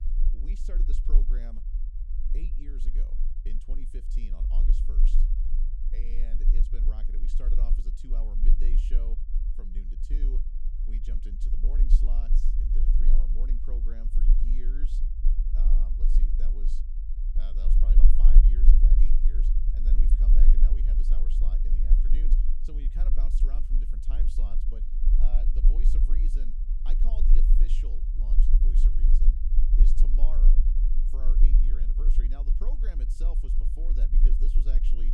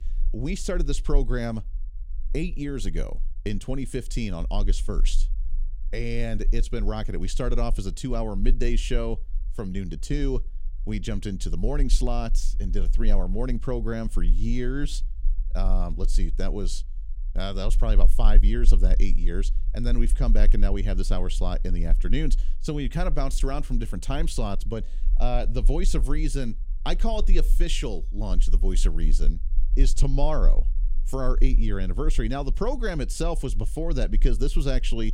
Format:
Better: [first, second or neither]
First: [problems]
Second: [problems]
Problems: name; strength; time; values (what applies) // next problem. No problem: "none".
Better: second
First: low rumble; loud; throughout; as loud as the speech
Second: low rumble; faint; throughout; 20 dB below the speech